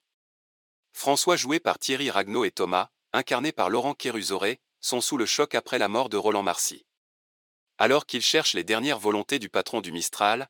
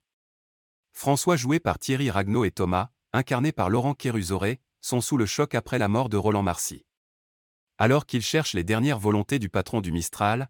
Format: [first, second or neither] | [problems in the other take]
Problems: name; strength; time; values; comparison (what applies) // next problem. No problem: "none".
second | thin; somewhat; fading below 400 Hz